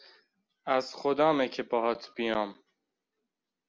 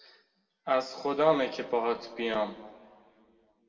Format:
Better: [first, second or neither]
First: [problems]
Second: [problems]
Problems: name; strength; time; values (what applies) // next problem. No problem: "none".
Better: first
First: none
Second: room echo; dies away in 1.3 s